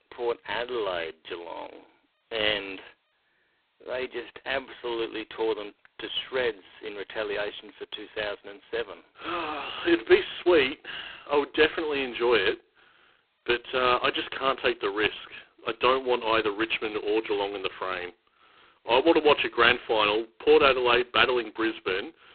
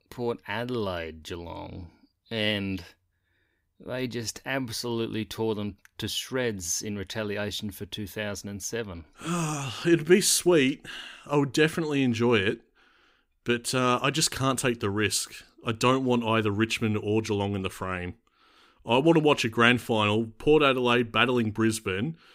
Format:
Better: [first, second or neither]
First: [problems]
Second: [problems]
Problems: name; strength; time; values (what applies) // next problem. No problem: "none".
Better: second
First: phone-call audio; poor line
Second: none